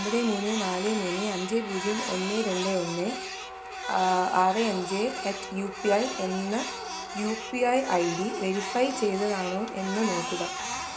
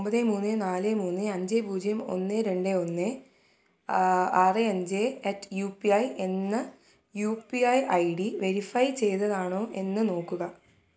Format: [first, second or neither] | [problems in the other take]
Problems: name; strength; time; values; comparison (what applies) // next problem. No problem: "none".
second | background sound (Printer); 6 dB below the speech